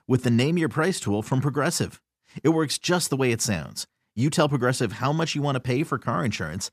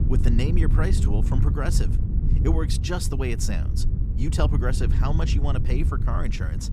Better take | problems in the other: first | wind noise on the microphone; heavy; 6 dB below the speech

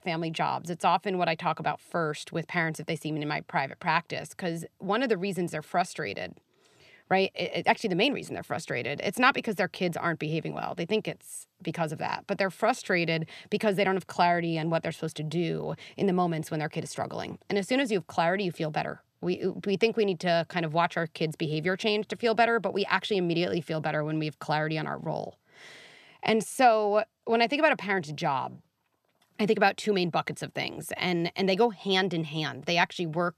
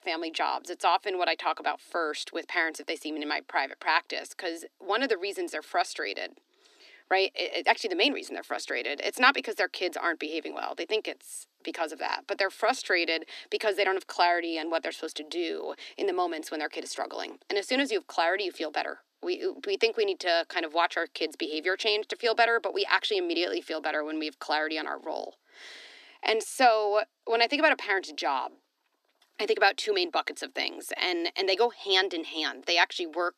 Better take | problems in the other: first | thin; somewhat; fading below 250 Hz

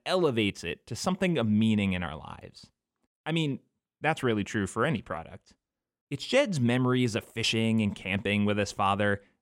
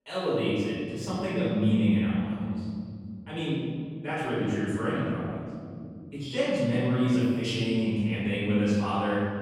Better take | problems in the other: first | off-mic speech; far // room echo; strong; dies away in 3 s

